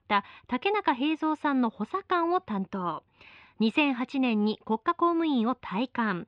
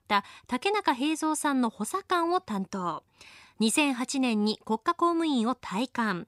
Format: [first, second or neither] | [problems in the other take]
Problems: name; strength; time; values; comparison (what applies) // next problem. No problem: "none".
second | muffled; slightly; fading above 3 kHz